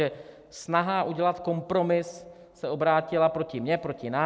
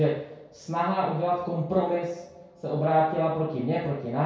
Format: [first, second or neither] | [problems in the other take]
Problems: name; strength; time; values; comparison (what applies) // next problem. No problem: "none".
first | room echo; dies away in 0.6 s